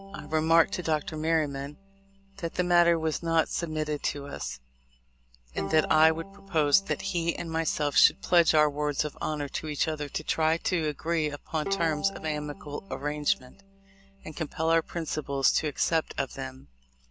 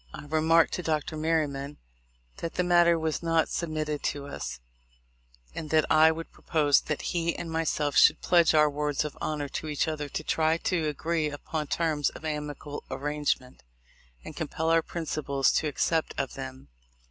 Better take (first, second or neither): second